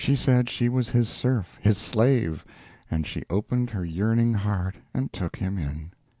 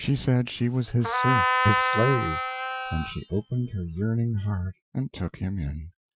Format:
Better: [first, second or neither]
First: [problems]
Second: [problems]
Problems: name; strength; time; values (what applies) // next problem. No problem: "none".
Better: first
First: none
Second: noise reduction (classical method Wiener filter)